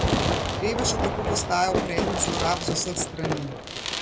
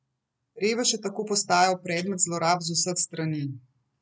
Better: second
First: background sound (Fireworks); 2 dB above the speech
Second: none

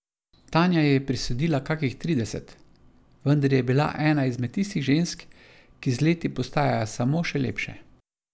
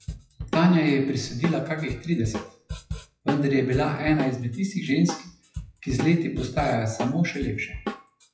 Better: first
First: none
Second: noise reduction (classical method WPE with log-MMSE)

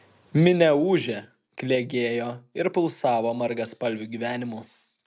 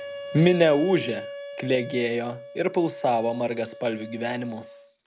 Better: first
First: none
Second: background sound (Wind instrument, woodwind instrument); 13 dB below the speech

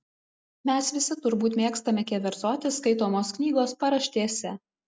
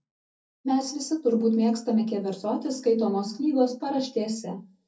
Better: first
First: none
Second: room echo; dies away in 0.3 s

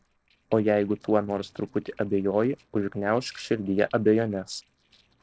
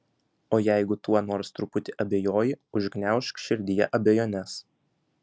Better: second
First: noise reduction (neural separator model SepFormer DNS4)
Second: none

